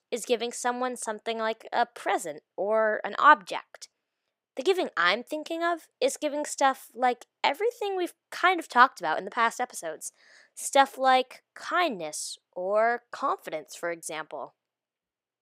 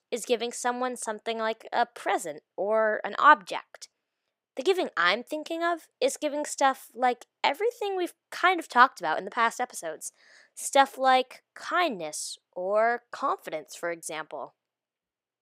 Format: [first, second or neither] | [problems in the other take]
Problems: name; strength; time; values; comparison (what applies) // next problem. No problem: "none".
neither | none